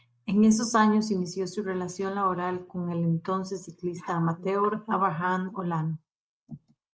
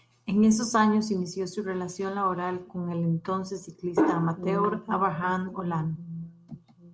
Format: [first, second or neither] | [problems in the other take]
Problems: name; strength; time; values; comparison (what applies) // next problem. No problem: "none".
second | noise reduction (neural mask model Resemble Enhance denoiser)